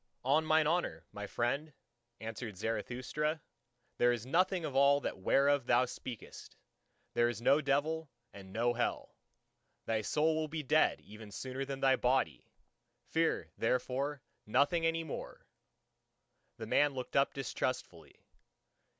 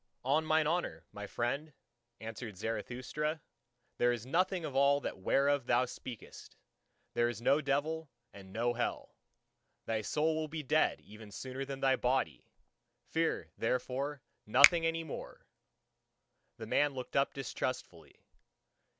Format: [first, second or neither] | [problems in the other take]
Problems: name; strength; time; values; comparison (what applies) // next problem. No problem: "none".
first | background sound (Finger snapping); 2 dB below the speech